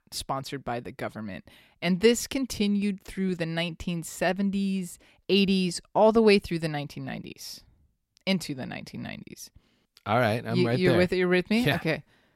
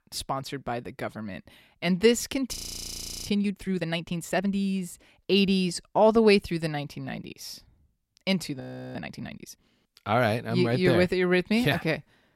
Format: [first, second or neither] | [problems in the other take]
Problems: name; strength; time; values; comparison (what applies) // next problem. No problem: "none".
first | audio freezing; at 2.5 s for 0.5 s and at 8.5 s